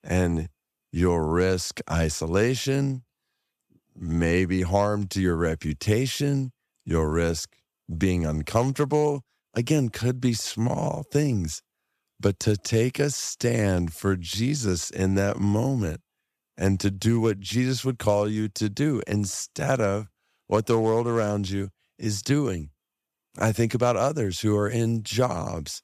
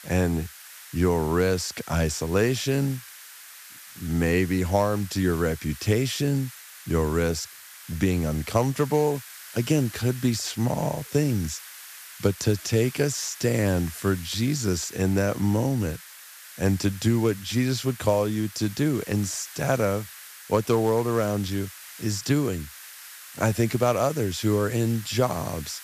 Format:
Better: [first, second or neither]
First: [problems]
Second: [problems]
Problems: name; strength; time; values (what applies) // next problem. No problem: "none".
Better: first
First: none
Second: hiss; noticeable; throughout; 15 dB below the speech